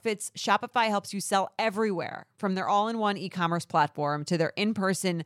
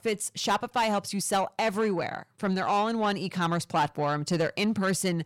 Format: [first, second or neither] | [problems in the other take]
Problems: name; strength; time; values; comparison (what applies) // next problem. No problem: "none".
first | distortion; slight; 10 dB below the speech